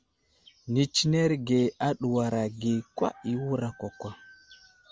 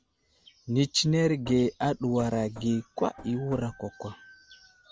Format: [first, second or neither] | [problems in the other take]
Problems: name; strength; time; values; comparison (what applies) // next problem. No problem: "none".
first | background sound (Knock / Wood); 19 dB below the speech